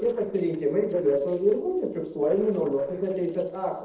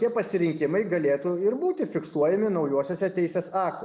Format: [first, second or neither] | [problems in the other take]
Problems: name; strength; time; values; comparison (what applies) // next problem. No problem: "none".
second | noise reduction (neural separator model SepFormer DNS4)